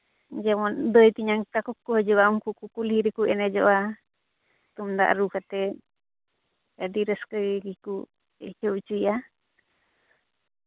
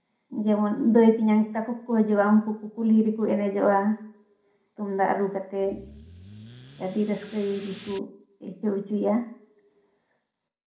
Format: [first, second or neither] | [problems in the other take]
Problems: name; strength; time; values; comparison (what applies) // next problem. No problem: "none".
first | background sound (Accelerating, revving, vroom / Car); 20 dB below the speech // room echo; dies away in 0.5 s